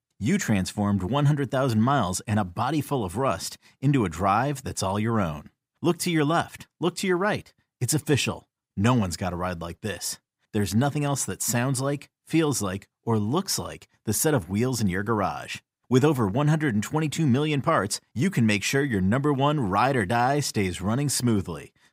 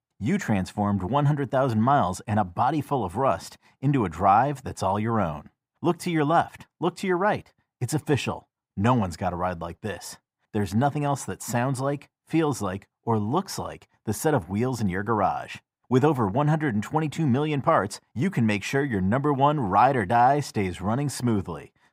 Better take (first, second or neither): first